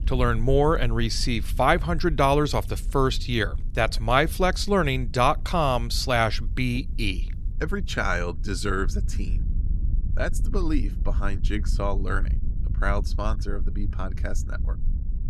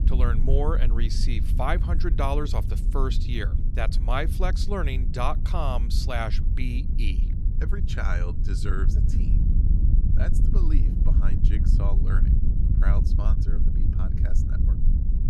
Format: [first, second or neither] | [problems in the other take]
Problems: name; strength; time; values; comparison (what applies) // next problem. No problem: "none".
first | wind noise on the microphone; heavy; 9 dB below the speech; occasional gusts in the first